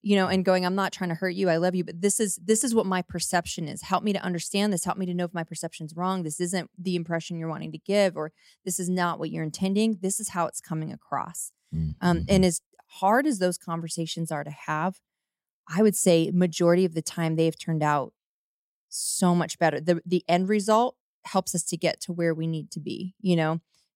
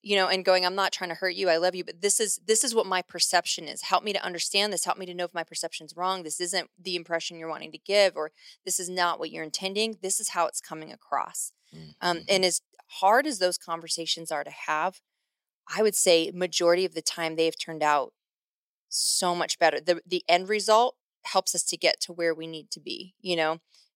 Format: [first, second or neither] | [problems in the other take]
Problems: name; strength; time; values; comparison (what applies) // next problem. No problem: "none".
first | thin; very; fading below 500 Hz